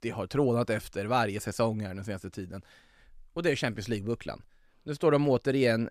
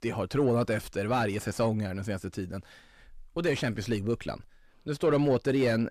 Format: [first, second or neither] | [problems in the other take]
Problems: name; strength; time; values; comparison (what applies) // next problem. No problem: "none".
first | distortion; slight; 10 dB below the speech